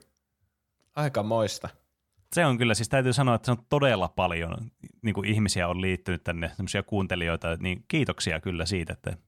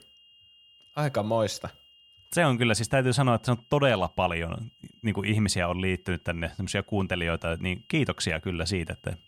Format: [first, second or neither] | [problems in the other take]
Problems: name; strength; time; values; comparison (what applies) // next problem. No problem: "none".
first | high-pitched whine; faint; throughout; 3 kHz, 30 dB below the speech